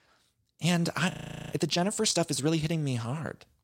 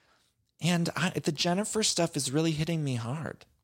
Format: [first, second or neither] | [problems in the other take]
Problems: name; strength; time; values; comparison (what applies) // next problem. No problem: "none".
second | audio freezing; at 1 s